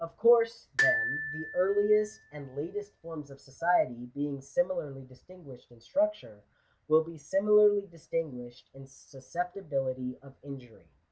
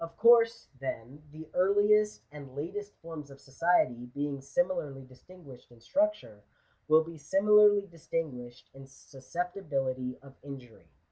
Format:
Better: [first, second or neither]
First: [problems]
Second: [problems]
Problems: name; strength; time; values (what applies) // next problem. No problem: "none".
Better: second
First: background sound (Glockenspiel); 4 dB below the speech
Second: none